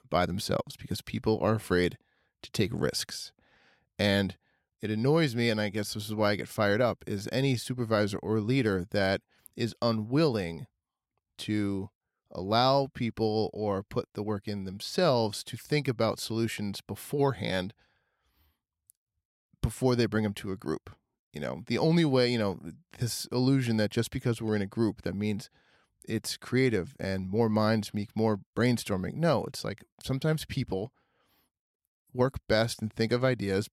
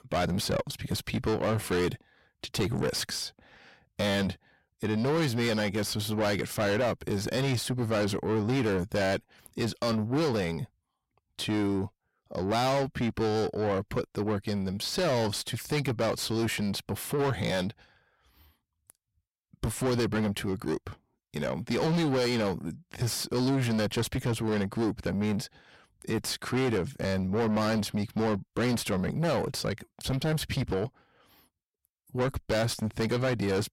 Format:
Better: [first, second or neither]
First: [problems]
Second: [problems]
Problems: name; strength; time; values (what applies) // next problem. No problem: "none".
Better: first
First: none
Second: distortion; heavy; 5 dB below the speech